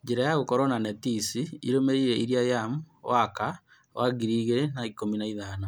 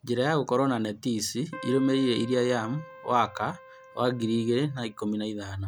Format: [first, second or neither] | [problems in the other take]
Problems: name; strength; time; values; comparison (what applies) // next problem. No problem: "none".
first | background sound (Keyboard (musical)); 18 dB below the speech